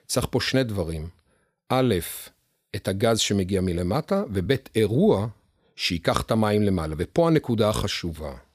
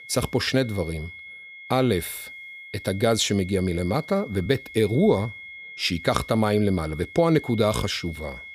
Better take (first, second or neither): first